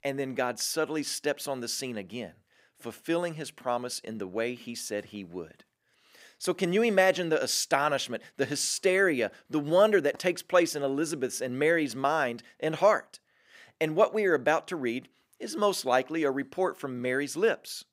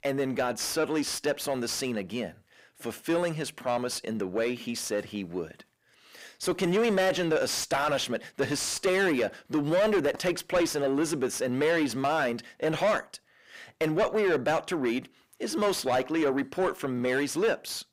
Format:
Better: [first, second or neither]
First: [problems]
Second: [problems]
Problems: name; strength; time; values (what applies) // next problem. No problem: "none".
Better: first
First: none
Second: distortion; heavy; 7 dB below the speech